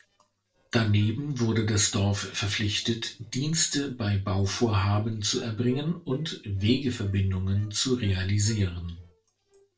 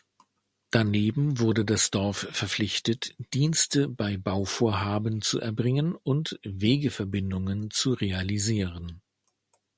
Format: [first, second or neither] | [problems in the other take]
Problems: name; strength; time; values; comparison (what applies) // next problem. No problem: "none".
second | noise reduction (neural separator model SepFormer DNS4)